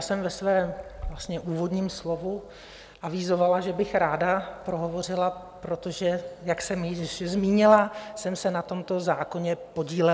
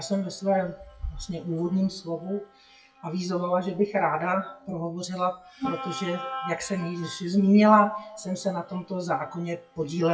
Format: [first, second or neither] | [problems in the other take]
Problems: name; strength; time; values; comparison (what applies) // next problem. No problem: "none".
first | noise reduction (classical method WPE with log-MMSE)